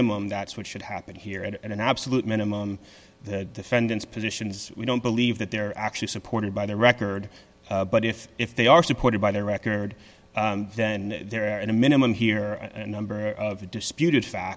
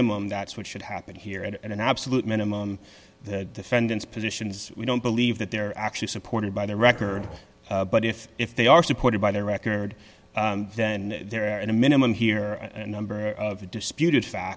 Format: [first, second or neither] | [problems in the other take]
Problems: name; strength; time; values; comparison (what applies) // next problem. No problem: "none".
first | background sound (Dog); 15 dB below the speech